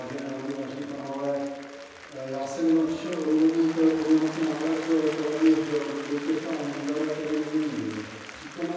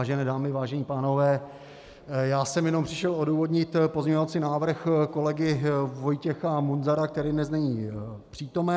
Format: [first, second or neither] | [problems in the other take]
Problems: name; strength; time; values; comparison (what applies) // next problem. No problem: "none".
second | background sound (Applause); 15 dB below the speech // room echo; dies away in 1.1 s